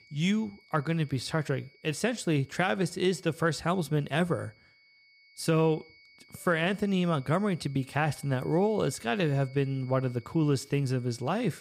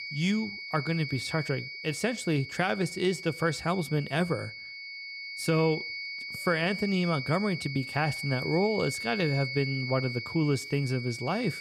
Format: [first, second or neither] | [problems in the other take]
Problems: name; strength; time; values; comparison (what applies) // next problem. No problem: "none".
first | high-pitched whine; loud; throughout; 2 kHz, 7 dB below the speech; faint in the first